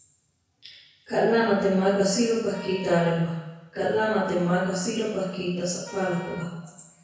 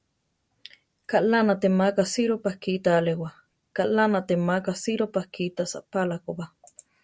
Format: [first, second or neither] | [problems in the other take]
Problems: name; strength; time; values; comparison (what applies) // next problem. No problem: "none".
second | background sound (Wind instrument, woodwind instrument); 19 dB below the speech // room echo; dies away in 1 s